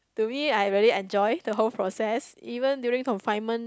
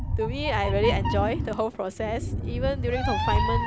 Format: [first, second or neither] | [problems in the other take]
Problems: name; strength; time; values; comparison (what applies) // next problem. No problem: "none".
first | background sound (Meow); 1 dB above the speech